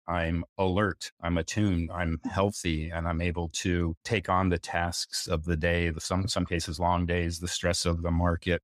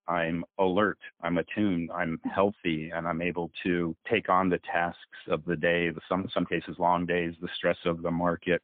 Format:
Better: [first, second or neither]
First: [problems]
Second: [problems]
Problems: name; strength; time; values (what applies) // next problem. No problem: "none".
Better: first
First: none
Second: phone-call audio; poor line